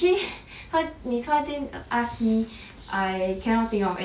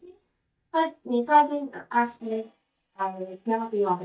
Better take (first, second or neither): first